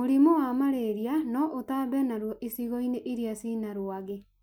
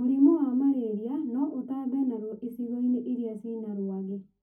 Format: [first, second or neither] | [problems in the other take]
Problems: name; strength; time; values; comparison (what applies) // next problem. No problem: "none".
first | room echo; dies away in 0.3 s